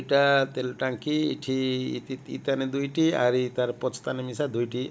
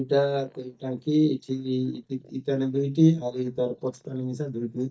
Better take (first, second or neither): first